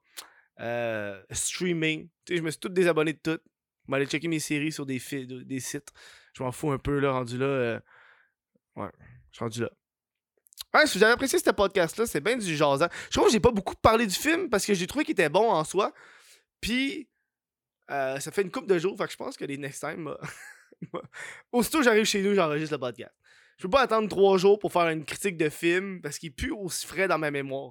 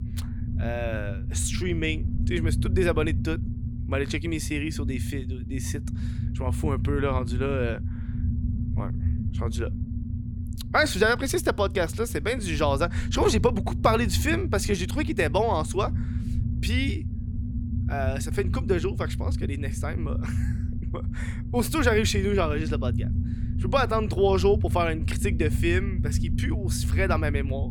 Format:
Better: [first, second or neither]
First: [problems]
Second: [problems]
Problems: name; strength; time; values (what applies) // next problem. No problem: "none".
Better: first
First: none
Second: low rumble; noticeable; throughout; 15 dB below the speech